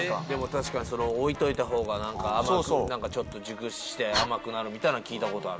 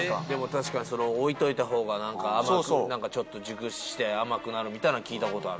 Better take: second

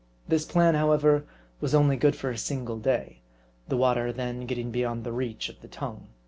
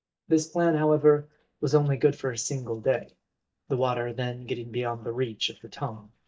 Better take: first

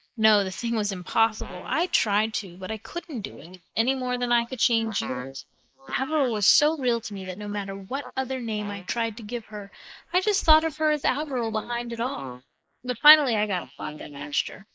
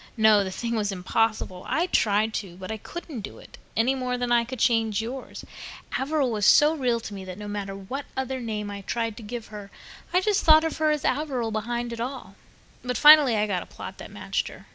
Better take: second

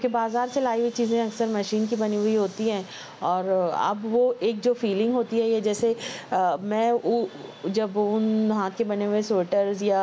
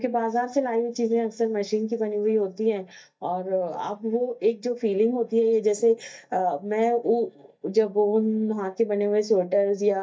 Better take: first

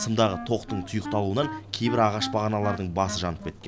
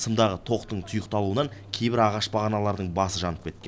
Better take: second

